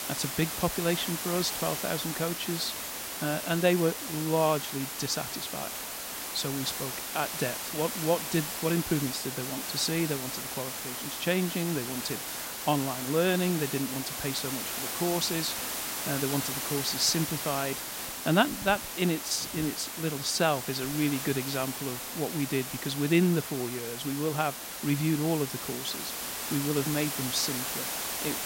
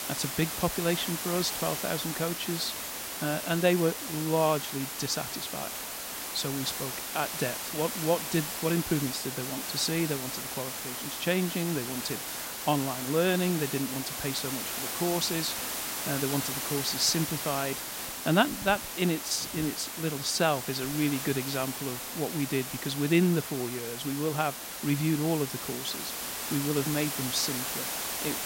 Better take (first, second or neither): neither